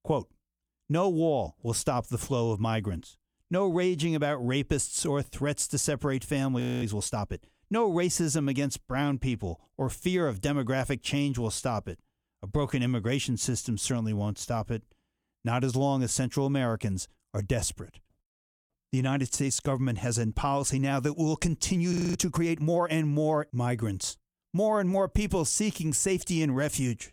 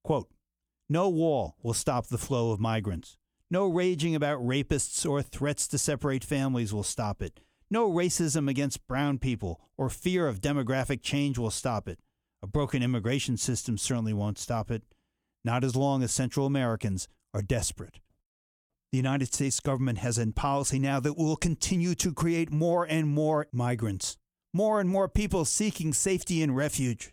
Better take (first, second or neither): second